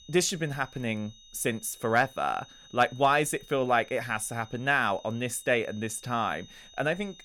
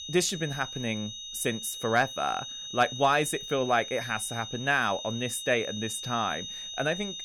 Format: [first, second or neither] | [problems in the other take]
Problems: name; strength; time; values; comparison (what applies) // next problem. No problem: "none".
first | high-pitched whine; loud; throughout; 3.5 kHz, 8 dB below the speech; faint in the first